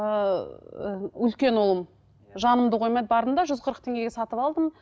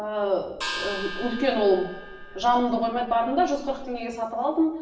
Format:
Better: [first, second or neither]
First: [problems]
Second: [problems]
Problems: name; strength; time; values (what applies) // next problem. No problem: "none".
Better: first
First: none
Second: background sound (Gong); 11 dB below the speech // room echo; dies away in 0.8 s